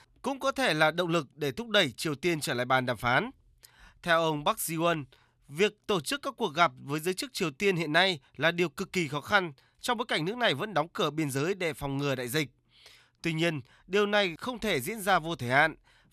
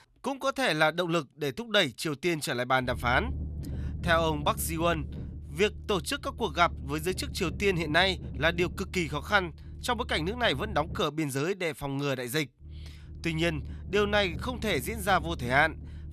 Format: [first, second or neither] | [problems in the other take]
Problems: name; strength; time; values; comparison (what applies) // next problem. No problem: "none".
first | low rumble; faint; from 3 to 11 s and from 13 s on; 25 dB below the speech